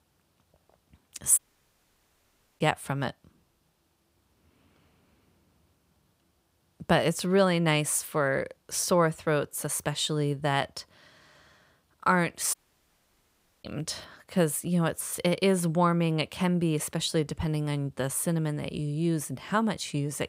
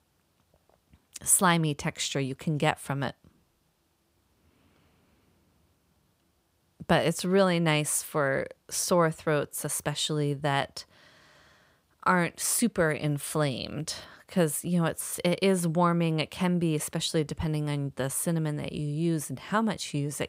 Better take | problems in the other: second | audio cutting out; at 1.5 s for 1 s and at 13 s for 1 s

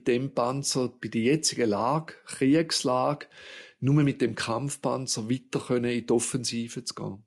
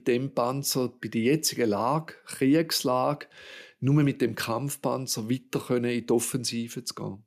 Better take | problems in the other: second | garbled, watery; slightly; nothing above 10.5 kHz

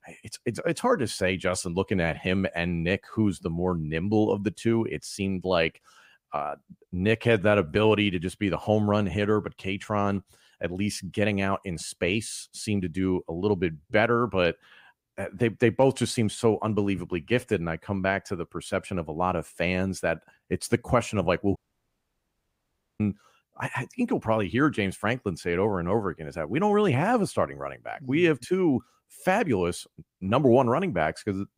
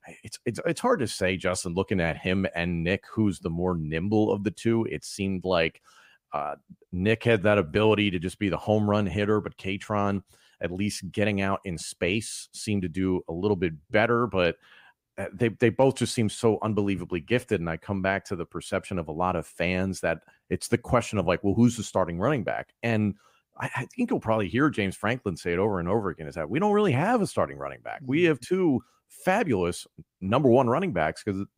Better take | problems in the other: second | audio cutting out; at 22 s for 1.5 s

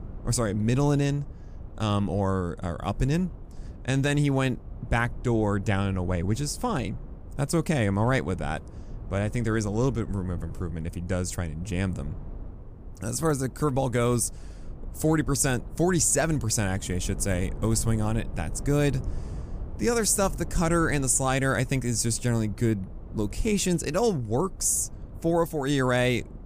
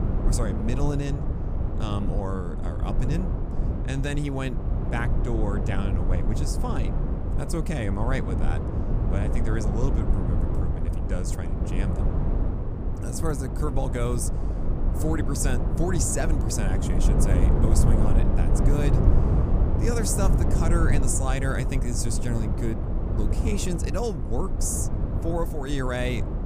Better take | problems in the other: first | low rumble; loud; throughout; 3 dB below the speech; faint in the first

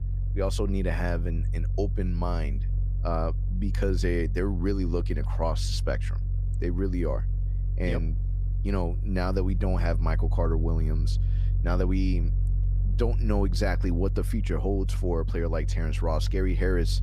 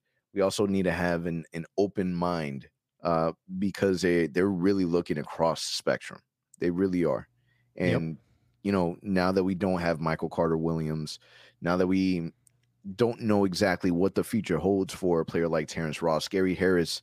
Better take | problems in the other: second | low rumble; noticeable; throughout; 15 dB below the speech

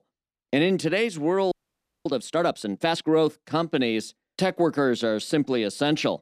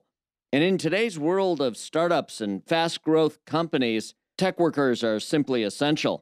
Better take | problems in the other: second | audio freezing; at 1.5 s for 0.5 s

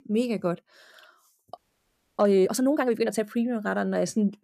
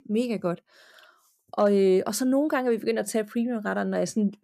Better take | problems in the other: second | audio freezing; at 1.5 s for 0.5 s

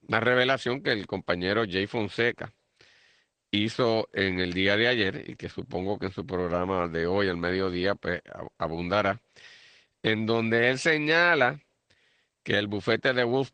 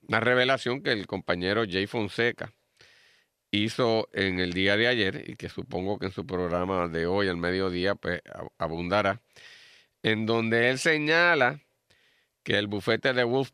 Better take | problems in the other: second | garbled, watery; slightly; nothing above 8.5 kHz

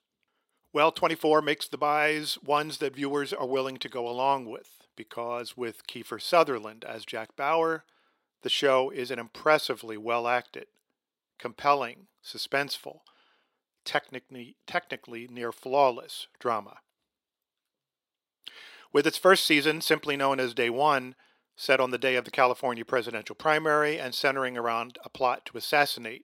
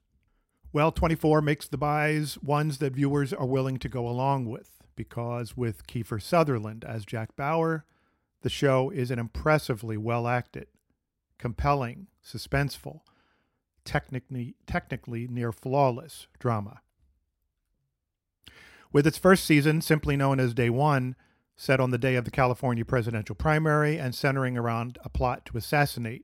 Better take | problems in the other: second | thin; somewhat; fading below 450 Hz

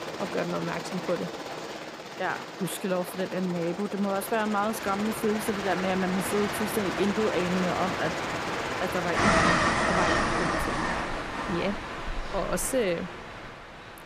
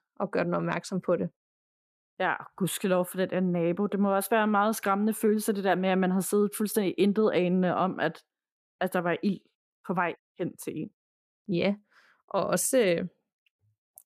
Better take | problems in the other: second | train or aircraft noise; loud; throughout; as loud as the speech

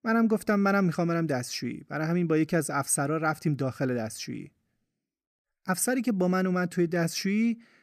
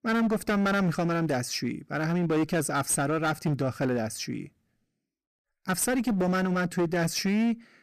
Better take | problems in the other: first | distortion; slight; 15% of the sound clipped

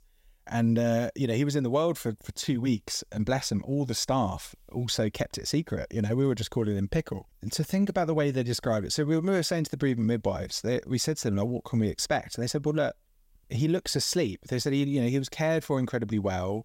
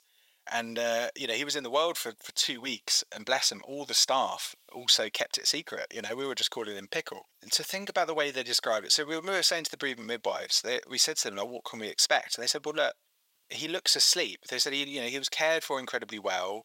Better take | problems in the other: first | thin; very; fading below 700 Hz

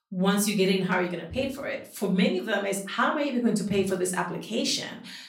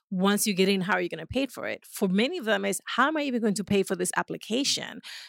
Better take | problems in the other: second | room echo; slight; dies away in 0.4 s // off-mic speech; far

